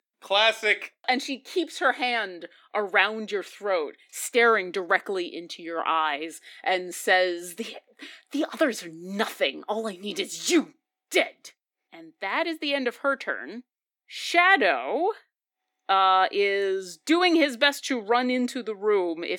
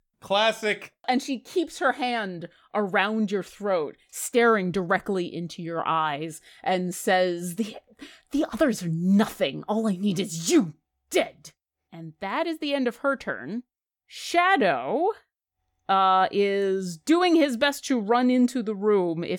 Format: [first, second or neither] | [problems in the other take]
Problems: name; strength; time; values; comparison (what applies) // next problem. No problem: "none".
second | thin; very slightly; fading below 250 Hz